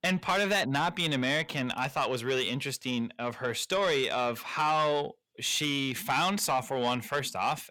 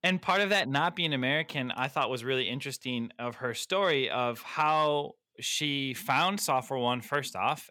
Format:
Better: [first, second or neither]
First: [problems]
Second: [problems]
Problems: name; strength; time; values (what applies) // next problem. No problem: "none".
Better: second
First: distortion; slight; 10 dB below the speech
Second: none